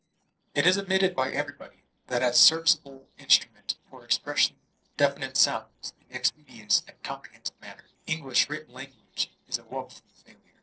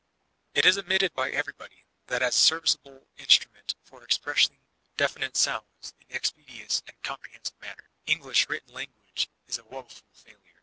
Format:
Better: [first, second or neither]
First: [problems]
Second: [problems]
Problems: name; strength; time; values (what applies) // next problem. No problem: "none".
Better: second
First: noise reduction (neural separator model SepFormer DNS4)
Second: none